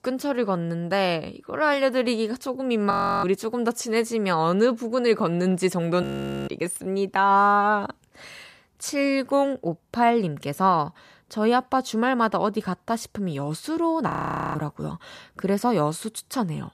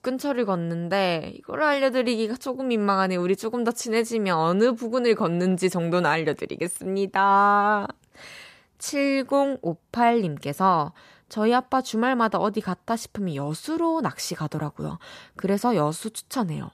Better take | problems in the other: second | audio freezing; at 3 s, at 6 s and at 14 s

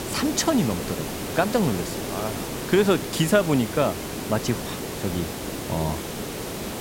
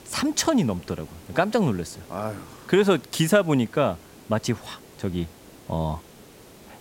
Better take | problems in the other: second | hiss; loud; throughout; 6 dB below the speech; faint in the second

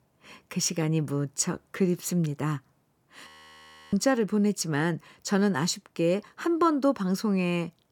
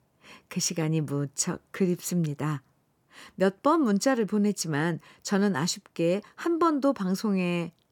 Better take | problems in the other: second | audio freezing; at 3.5 s for 0.5 s

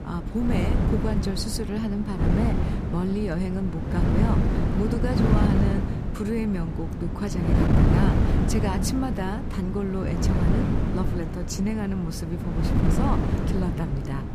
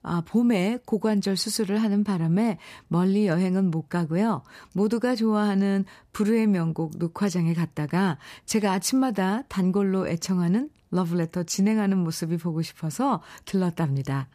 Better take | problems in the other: second | wind noise on the microphone; heavy; as loud as the speech

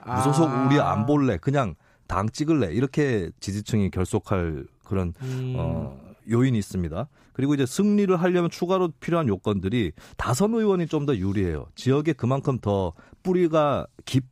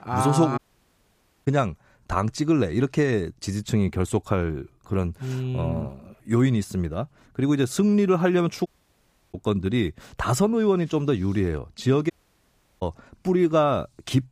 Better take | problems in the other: first | audio cutting out; at 0.5 s for 1 s, at 8.5 s for 0.5 s and at 12 s for 0.5 s

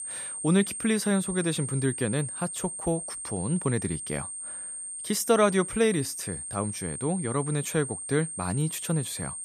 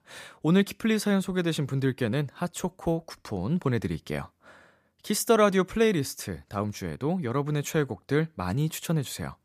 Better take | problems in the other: second | high-pitched whine; loud; throughout; 8.5 kHz, 6 dB below the speech

